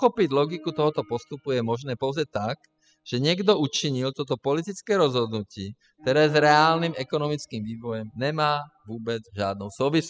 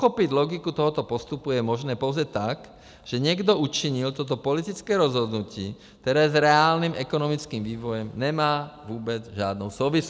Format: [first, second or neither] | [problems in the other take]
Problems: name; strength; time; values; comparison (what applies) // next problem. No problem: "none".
second | noise reduction (classical method spectral subtraction)